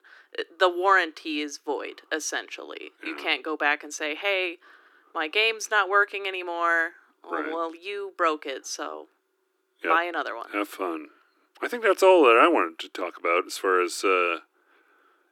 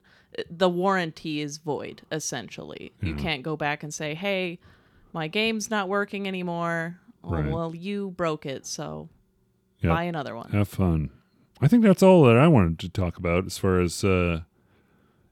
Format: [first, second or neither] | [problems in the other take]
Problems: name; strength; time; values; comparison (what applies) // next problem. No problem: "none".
second | thin; very; fading below 300 Hz